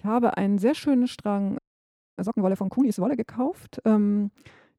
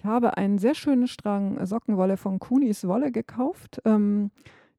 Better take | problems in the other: second | audio freezing; at 1.5 s for 0.5 s

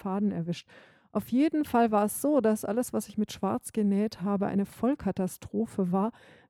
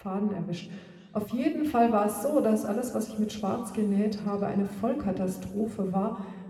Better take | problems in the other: first | room echo; slight; dies away in 2 s

